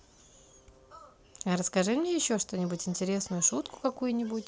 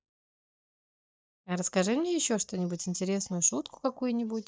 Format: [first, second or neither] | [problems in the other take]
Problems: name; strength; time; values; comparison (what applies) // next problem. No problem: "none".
first | noise reduction (neural mask model DeepFilterNet 3)